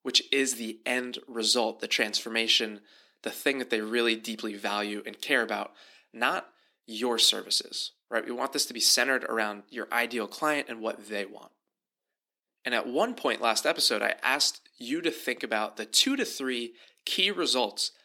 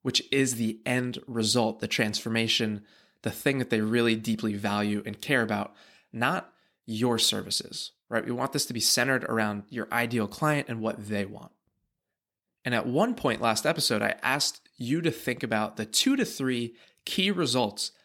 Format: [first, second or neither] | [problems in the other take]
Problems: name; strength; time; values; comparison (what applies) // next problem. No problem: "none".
second | thin; very slightly; fading below 300 Hz